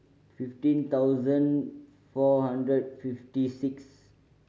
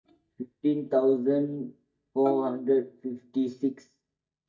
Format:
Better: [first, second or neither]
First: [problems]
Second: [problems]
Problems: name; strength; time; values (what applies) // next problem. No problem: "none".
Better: first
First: none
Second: noise reduction (neural mask model DeepFilterNet 3)